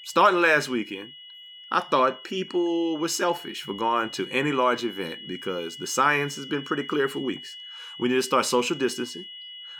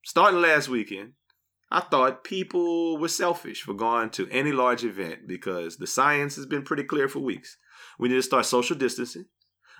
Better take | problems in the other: second | high-pitched whine; noticeable; throughout; 3 kHz, 15 dB below the speech

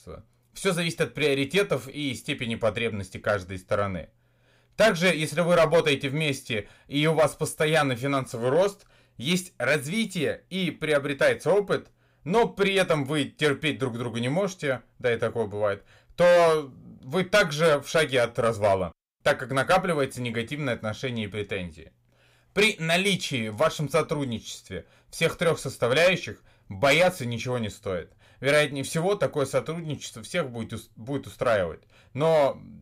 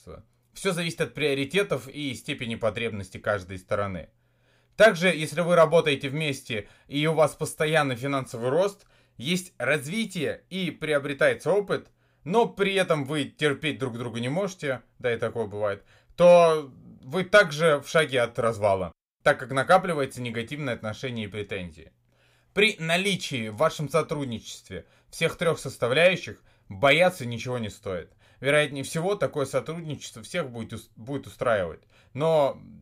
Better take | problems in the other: second | distortion; slight; 3% of the sound clipped

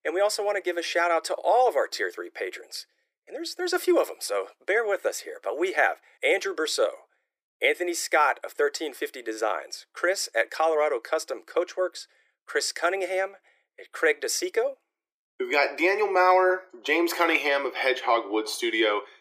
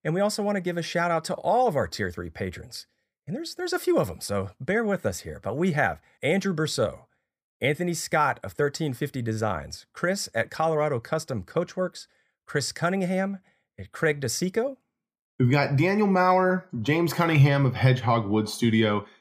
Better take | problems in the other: second | thin; very; fading below 350 Hz

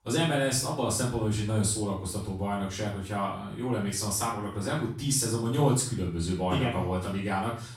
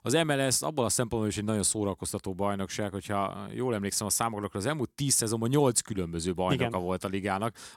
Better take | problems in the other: second | off-mic speech; far // room echo; noticeable; dies away in 0.5 s

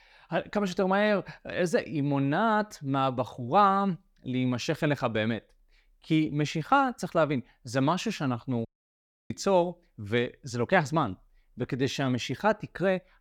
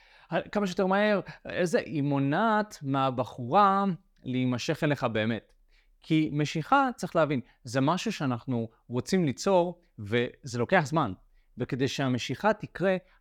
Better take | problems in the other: second | audio cutting out; at 8.5 s for 0.5 s

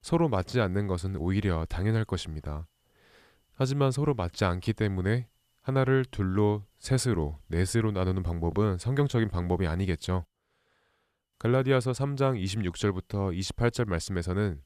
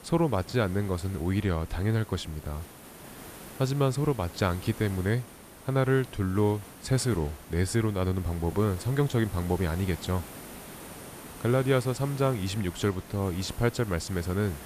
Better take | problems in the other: first | hiss; noticeable; throughout; 15 dB below the speech

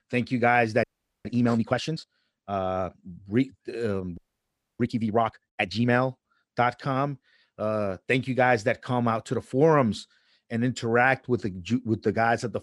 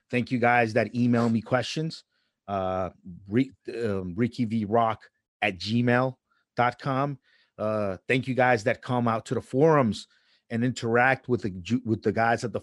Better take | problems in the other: second | audio freezing; at 1 s and at 4 s for 0.5 s

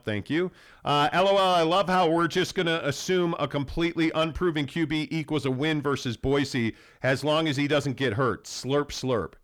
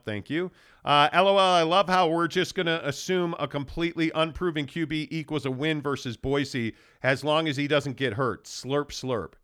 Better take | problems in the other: second | distortion; slight; 10 dB below the speech

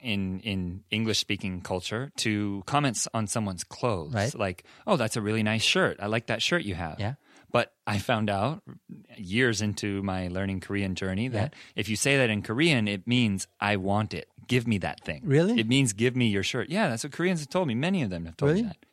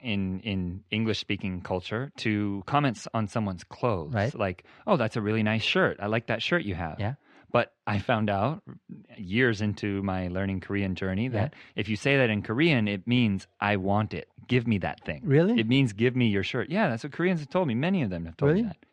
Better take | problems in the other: first | muffled; slightly; fading above 3 kHz

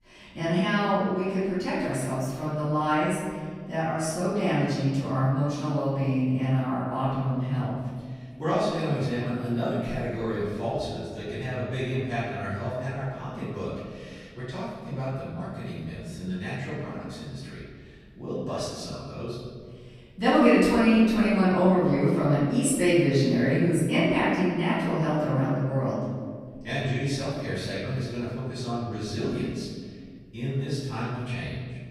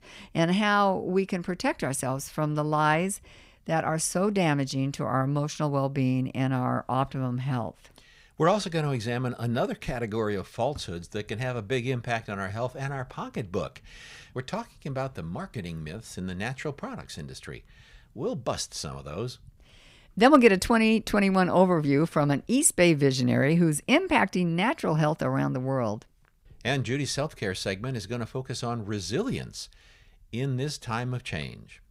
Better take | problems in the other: second | off-mic speech; far // room echo; strong; dies away in 1.8 s

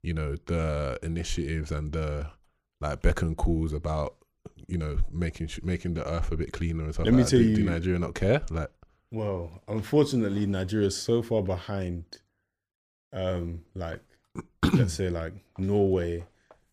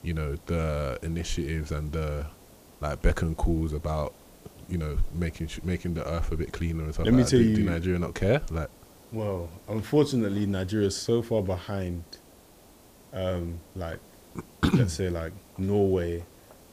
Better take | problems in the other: first | hiss; faint; throughout; 25 dB below the speech

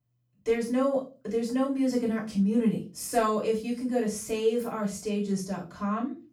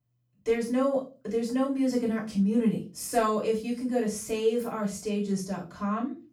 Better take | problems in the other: neither | off-mic speech; far; the same in both // room echo; slight; dies away in 0.3 s; the same in both

